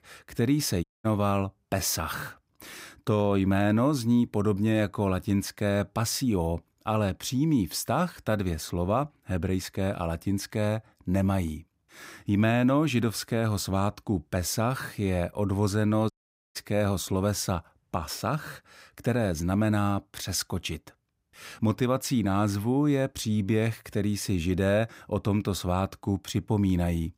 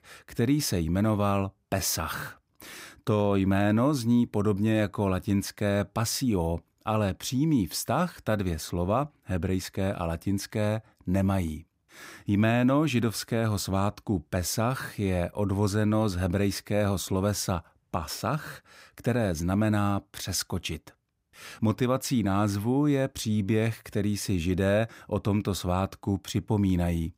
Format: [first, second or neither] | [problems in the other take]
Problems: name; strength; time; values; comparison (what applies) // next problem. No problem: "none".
second | audio cutting out; at 1 s and at 16 s